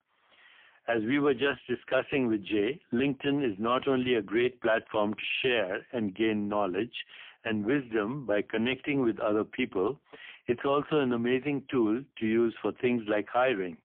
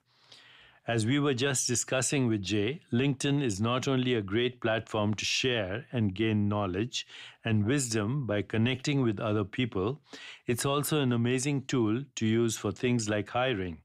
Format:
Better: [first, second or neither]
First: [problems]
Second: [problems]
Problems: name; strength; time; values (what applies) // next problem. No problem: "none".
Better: second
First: phone-call audio; poor line; nothing above 3.5 kHz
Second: none